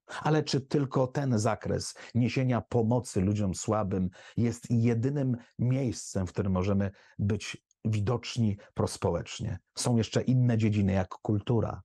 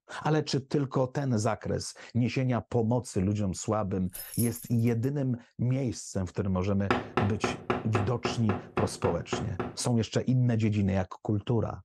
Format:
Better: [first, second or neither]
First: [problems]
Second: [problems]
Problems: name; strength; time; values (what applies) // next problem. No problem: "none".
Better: first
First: none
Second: jangling keys; noticeable; at 4 s; peak 6 dB below the speech // door banging; loud; from 7 to 9.5 s; peak 1 dB above the speech